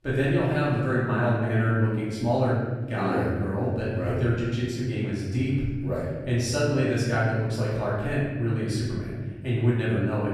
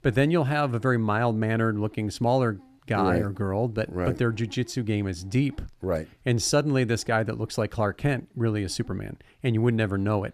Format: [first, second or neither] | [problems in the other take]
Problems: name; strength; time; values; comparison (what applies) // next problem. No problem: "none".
second | off-mic speech; far // room echo; noticeable; dies away in 1.6 s